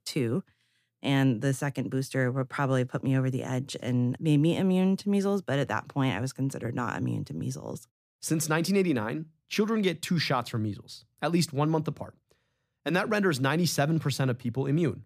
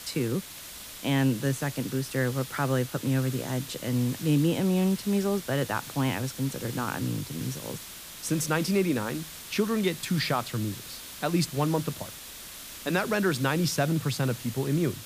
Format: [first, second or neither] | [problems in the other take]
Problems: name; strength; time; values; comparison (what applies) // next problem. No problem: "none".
first | hiss; noticeable; throughout; 10 dB below the speech